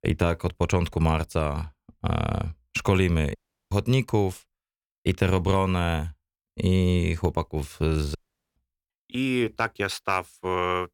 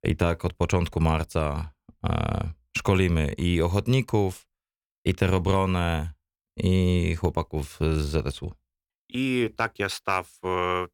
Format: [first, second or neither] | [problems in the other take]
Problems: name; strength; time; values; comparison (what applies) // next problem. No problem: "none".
second | audio cutting out; at 3.5 s and at 8 s